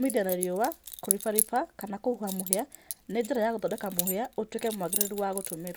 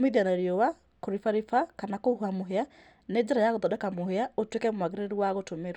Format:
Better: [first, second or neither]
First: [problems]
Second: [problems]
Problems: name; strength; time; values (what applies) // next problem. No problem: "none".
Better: second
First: background sound (Keys jangling); 4 dB below the speech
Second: none